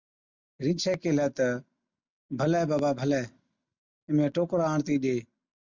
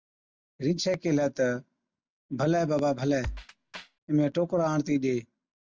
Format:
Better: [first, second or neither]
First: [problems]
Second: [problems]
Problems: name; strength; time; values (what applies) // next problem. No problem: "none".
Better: first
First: none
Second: background sound (Drum kit); 11 dB below the speech